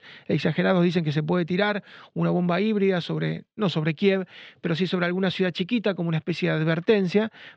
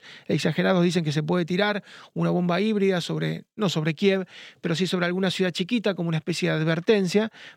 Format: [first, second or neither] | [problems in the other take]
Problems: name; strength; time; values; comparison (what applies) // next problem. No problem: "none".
second | muffled; very slightly; fading above 4 kHz